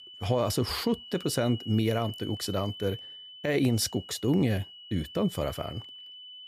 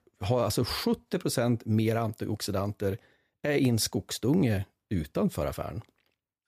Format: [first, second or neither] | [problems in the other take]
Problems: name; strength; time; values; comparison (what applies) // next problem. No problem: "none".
second | high-pitched whine; noticeable; throughout; 3 kHz, 15 dB below the speech